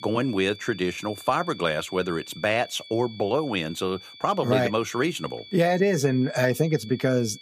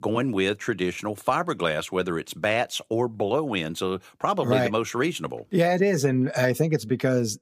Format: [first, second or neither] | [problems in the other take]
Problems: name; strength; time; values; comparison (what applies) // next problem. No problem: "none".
second | high-pitched whine; noticeable; throughout; 3.5 kHz, 20 dB below the speech